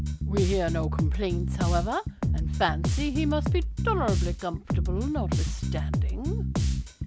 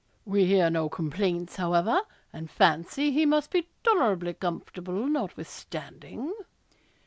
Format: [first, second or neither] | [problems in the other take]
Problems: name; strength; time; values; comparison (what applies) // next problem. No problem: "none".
second | background sound (Bass guitar); 4 dB above the speech